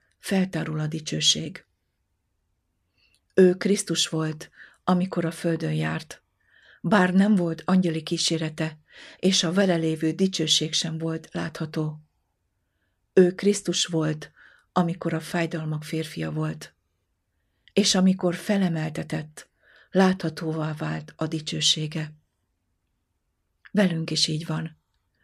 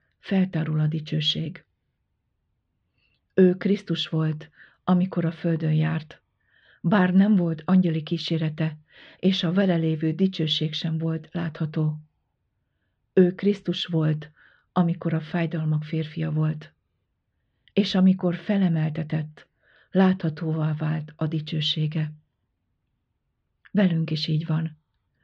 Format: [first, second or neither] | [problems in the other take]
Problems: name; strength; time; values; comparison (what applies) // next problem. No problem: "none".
first | muffled; slightly; fading above 3.5 kHz